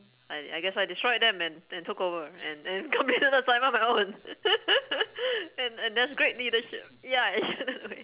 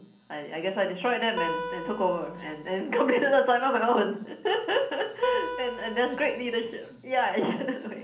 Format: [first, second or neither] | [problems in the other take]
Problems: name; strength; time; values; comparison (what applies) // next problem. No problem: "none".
first | background sound (Acoustic guitar); 8 dB below the speech // room echo; dies away in 0.6 s